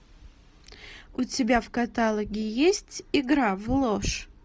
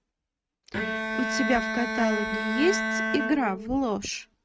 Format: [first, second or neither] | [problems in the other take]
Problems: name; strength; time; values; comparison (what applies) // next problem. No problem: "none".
first | noise reduction (neural mask model RNNoise)